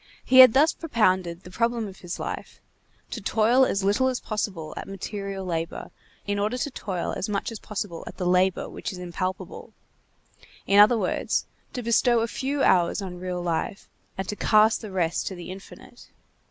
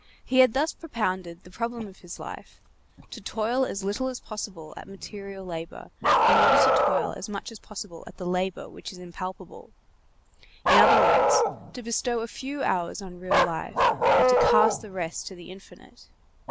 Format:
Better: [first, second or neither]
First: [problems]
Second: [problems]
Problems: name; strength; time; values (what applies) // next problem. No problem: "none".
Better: first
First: none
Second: background sound (Bark); 3 dB above the speech